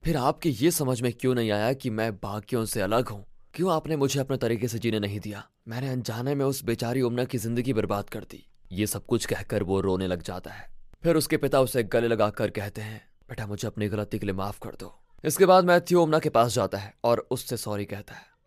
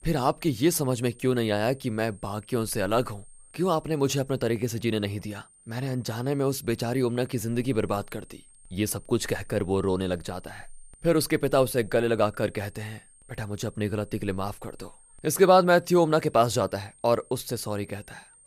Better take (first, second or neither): first